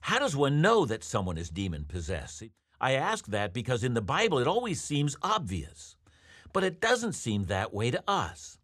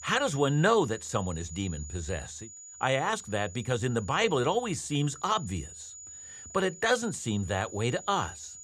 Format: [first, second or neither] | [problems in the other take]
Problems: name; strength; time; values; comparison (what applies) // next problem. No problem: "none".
first | high-pitched whine; noticeable; throughout; 7 kHz, 15 dB below the speech